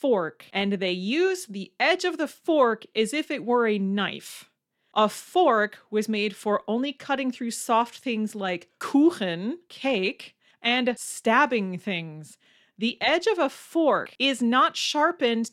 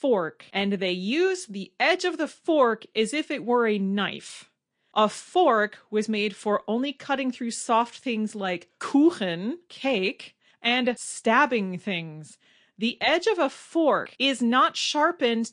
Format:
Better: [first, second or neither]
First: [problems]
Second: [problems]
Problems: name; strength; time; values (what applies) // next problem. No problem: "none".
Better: first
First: none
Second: garbled, watery; slightly